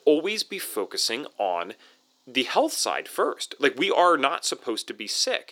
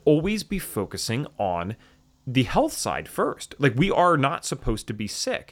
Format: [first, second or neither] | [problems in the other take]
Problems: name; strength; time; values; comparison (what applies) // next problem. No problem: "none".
second | thin; somewhat; fading below 350 Hz